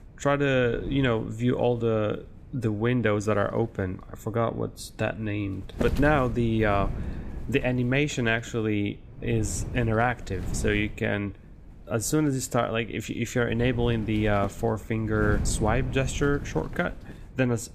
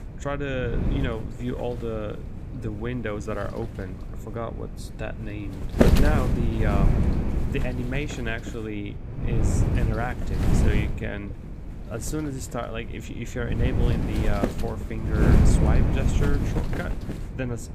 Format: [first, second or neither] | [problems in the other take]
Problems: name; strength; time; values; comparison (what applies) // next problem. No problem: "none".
first | wind noise on the microphone; heavy; as loud as the speech; occasional gusts in the first